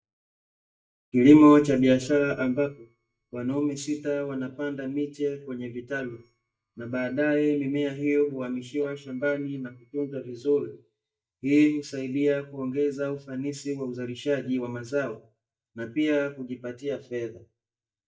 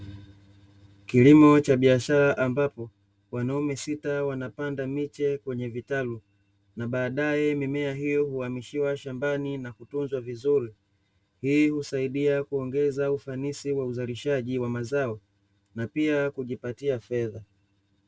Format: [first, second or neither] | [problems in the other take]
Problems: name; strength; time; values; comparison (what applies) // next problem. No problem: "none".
second | noise reduction (neural mask model DeepFilterNet 3)